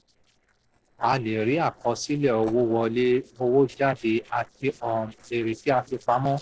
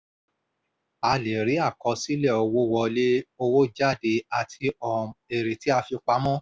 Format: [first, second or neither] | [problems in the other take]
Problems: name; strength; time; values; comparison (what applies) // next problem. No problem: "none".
second | noise reduction (neural separator model SepFormer DNS4)